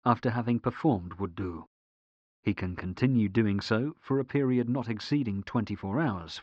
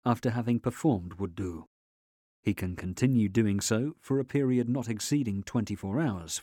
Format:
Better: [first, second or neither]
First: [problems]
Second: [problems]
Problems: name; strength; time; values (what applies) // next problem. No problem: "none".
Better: second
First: muffled; slightly; fading above 4.5 kHz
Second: none